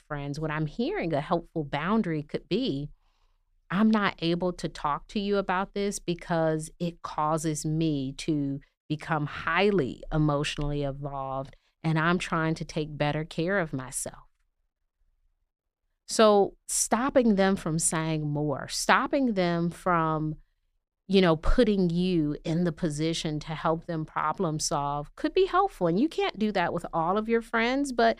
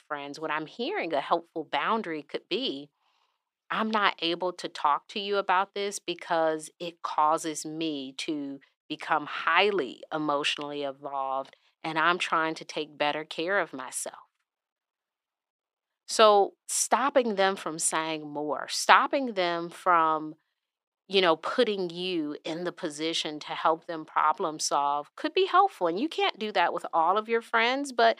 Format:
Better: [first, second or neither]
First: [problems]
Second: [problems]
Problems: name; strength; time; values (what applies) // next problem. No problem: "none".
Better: first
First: none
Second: thin; somewhat; fading below 300 Hz